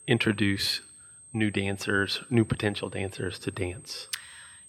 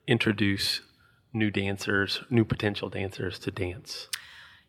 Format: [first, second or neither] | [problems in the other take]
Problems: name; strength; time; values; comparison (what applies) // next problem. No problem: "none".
second | high-pitched whine; noticeable; throughout; 8.5 kHz, 20 dB below the speech